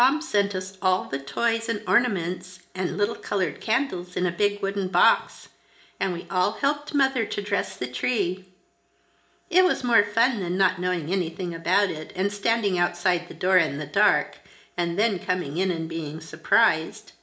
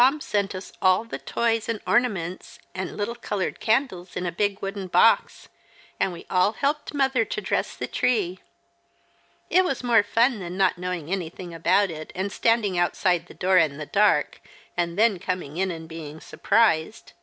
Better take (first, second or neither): second